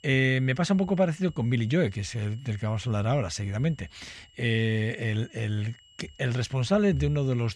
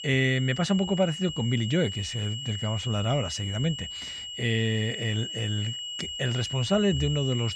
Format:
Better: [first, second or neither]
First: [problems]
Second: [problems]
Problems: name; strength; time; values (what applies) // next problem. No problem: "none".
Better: first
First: high-pitched whine; faint; throughout; 3 kHz, 30 dB below the speech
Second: high-pitched whine; loud; throughout; 3 kHz, 6 dB below the speech